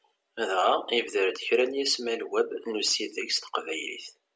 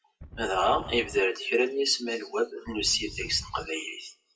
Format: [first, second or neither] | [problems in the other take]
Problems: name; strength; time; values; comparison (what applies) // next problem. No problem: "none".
first | noise reduction (classical method WPE with log-MMSE)